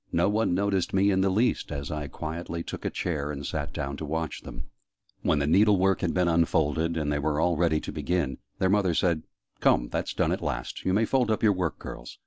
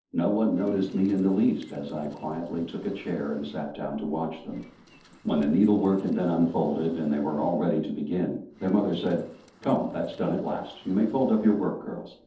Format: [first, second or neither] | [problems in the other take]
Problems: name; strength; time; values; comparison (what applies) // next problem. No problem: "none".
first | noise reduction (neural separator model SepFormer DNS4)